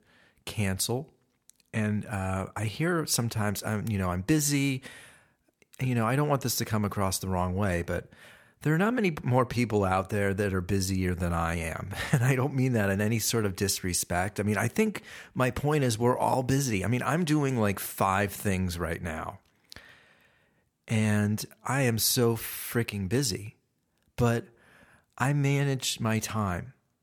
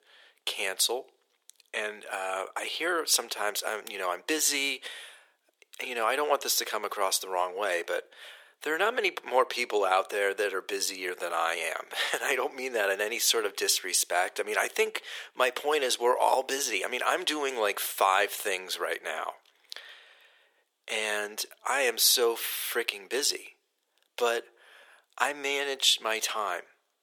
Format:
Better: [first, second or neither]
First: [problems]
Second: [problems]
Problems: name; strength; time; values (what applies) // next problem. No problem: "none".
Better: first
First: none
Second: thin; very; fading below 400 Hz